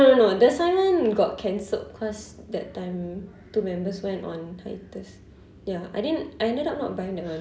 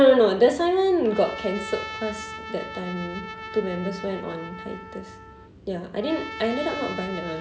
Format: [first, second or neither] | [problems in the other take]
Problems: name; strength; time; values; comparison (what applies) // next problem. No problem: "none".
first | background sound (Trumpet); 13 dB below the speech